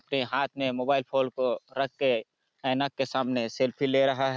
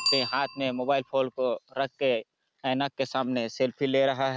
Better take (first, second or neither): first